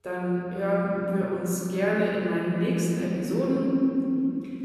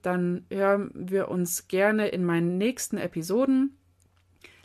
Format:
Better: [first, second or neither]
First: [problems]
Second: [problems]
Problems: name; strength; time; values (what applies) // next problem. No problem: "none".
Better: second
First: room echo; strong; dies away in 3 s // off-mic speech; far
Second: none